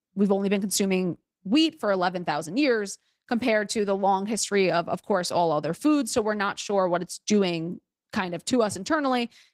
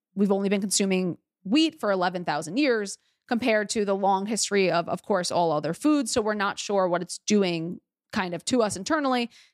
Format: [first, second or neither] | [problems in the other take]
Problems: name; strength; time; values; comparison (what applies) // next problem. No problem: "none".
second | garbled, watery; slightly; nothing above 15.5 kHz